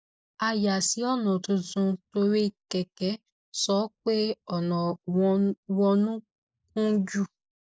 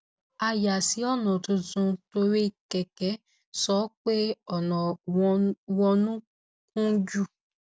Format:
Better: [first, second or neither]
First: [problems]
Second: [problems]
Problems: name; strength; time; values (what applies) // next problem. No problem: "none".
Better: second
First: noise reduction (neural mask model Resemble Enhance denoiser)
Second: none